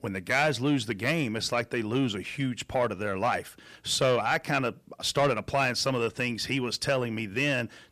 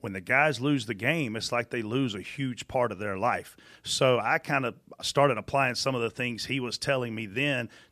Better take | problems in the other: second | distortion; slight; 10 dB below the speech

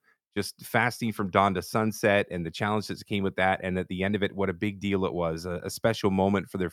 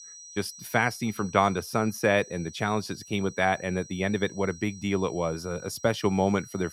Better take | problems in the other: first | high-pitched whine; noticeable; throughout; 6 kHz, 20 dB below the speech

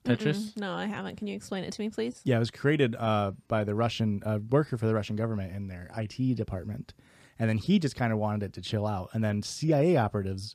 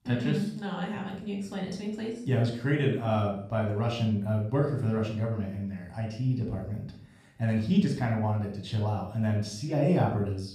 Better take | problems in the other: first | off-mic speech; somewhat distant // room echo; noticeable; dies away in 0.5 s

